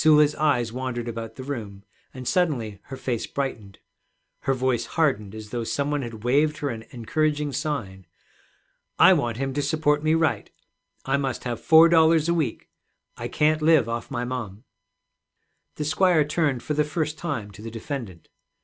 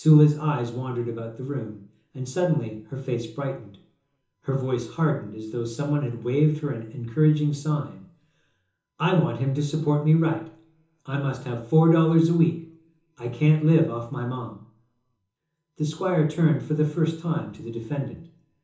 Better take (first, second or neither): first